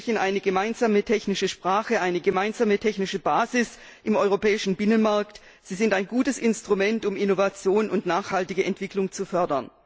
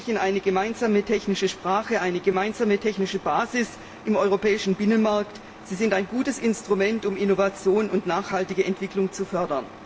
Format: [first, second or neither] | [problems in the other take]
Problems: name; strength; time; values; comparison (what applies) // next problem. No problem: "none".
first | background sound (Truck); 19 dB below the speech // room echo; dies away in 1.7 s